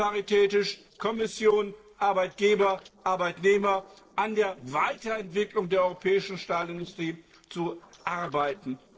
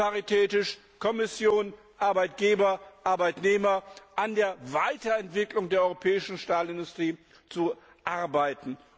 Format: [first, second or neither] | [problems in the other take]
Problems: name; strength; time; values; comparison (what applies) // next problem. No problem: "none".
second | noise reduction (neural separator model SepFormer DNS4)